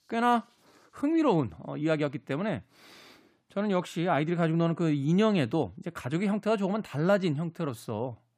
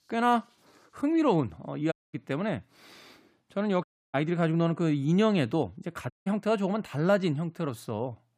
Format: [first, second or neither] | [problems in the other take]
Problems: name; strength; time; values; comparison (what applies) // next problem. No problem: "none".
first | audio cutting out; at 2 s, at 4 s and at 6 s